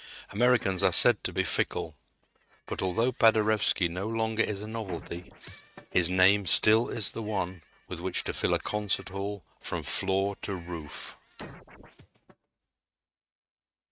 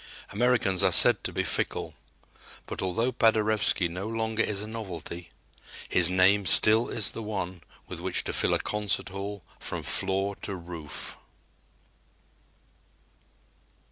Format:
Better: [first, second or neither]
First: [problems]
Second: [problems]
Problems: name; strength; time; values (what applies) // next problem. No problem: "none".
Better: second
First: noise reduction (neural mask model RNNoise)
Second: none